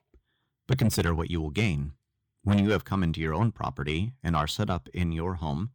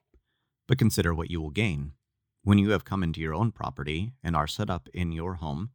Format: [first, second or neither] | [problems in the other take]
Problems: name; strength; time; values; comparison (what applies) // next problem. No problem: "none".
second | distortion; slight; 10 dB below the speech